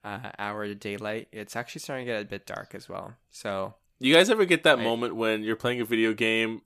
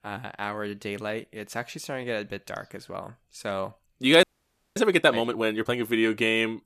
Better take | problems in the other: first | audio freezing; at 4 s for 0.5 s

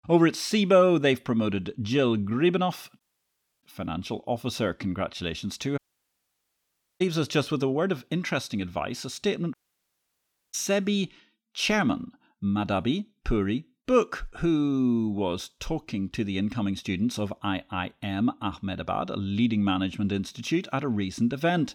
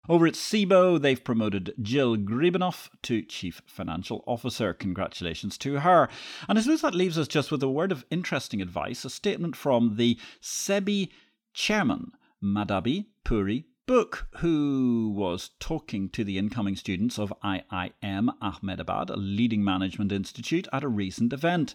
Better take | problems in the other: second | audio cutting out; at 3 s for 0.5 s, at 6 s for 1 s and at 9.5 s for 1 s

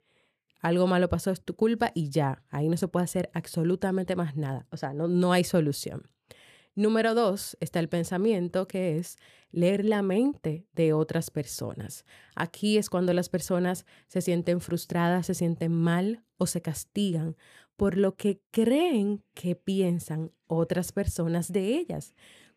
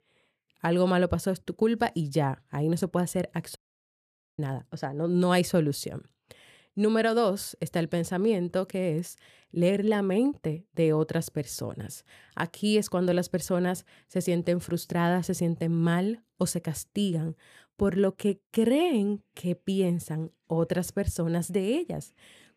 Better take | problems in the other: first | audio cutting out; at 3.5 s for 1 s

